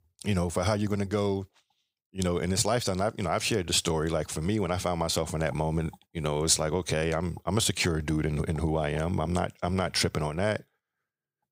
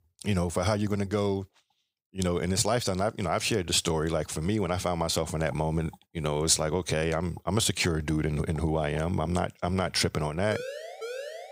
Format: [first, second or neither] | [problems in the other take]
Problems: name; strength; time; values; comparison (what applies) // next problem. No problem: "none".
first | siren; noticeable; from 11 s on; peak 9 dB below the speech